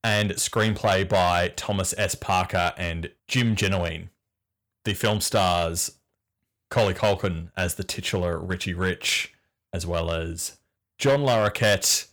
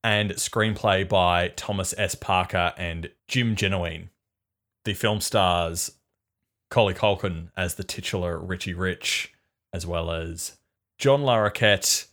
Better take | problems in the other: second | distortion; slight; 4% of the sound clipped

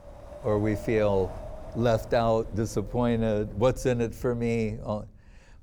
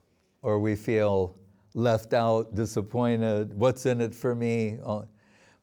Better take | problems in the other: second | wind noise on the microphone; occasional gusts; 15 dB below the speech

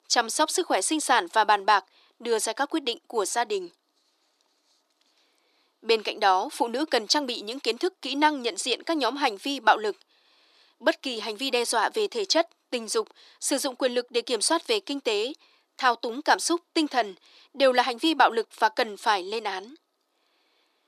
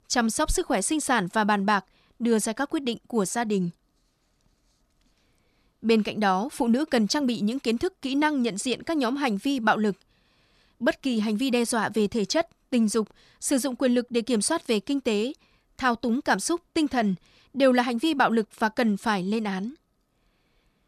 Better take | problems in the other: second | thin; somewhat; fading below 300 Hz

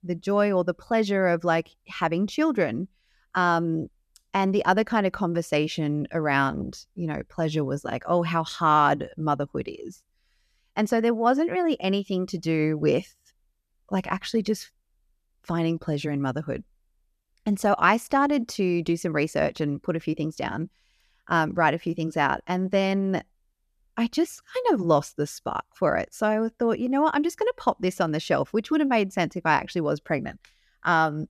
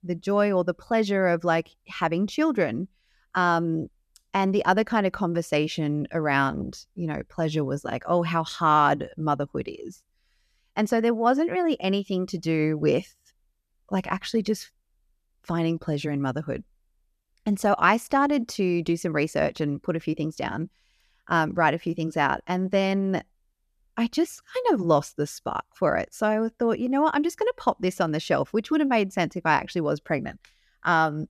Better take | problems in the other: neither | none

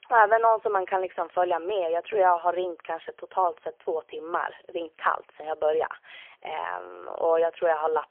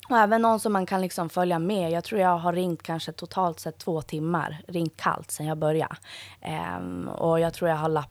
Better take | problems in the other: second | phone-call audio; poor line; nothing above 3.5 kHz

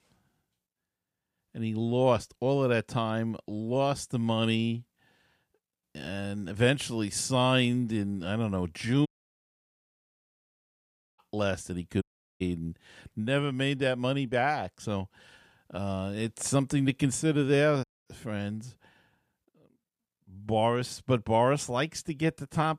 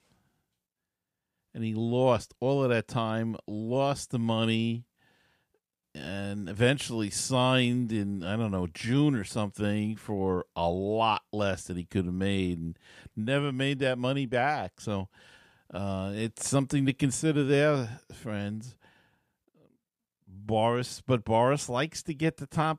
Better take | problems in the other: second | audio cutting out; at 9 s for 2 s, at 12 s and at 18 s

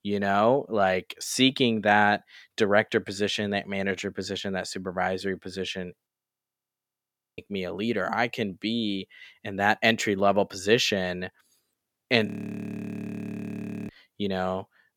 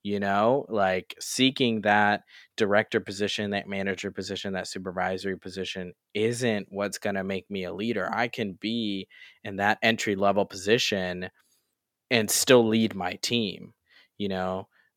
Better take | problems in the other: second | audio freezing; at 6 s for 1.5 s and at 12 s for 1.5 s

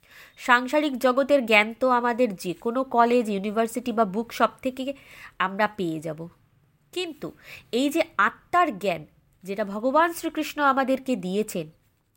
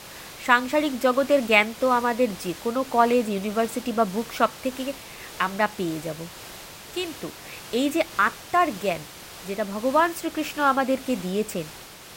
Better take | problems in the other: first | hiss; noticeable; throughout; 15 dB below the speech

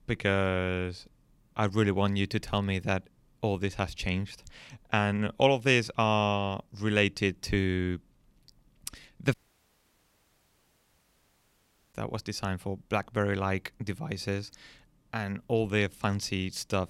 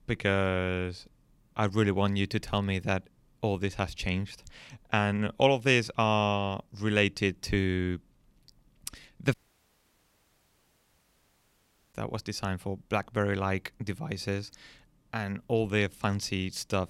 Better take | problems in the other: neither | audio cutting out; at 9.5 s for 2.5 s; the same in both

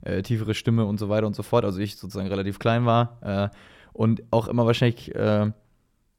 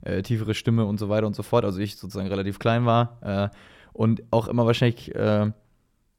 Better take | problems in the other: neither | none

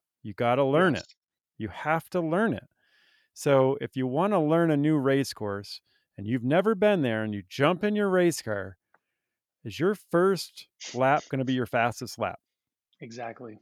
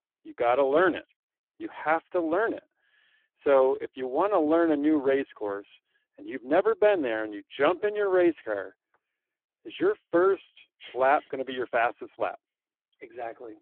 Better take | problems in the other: first | phone-call audio; poor line

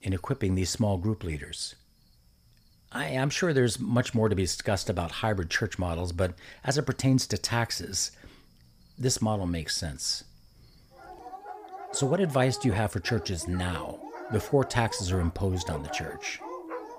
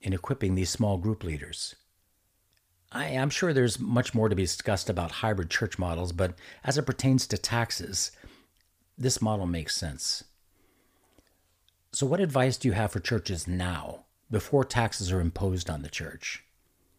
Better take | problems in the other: second | animal sounds; noticeable; throughout; 15 dB below the speech

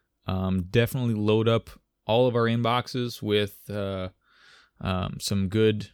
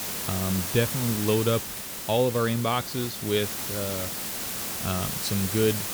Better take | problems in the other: first | hiss; loud; throughout; 2 dB below the speech

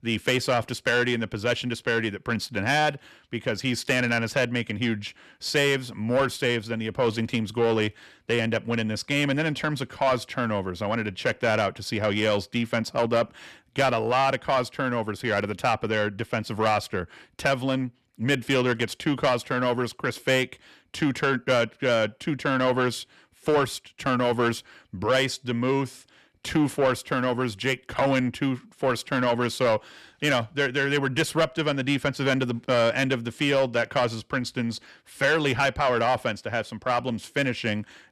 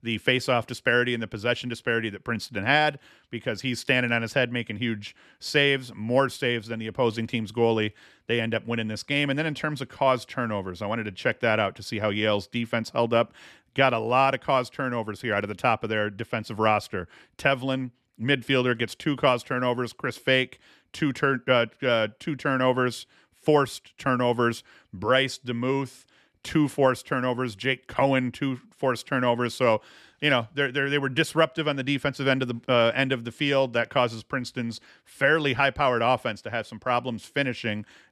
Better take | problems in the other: second | distortion; slight; 10 dB below the speech

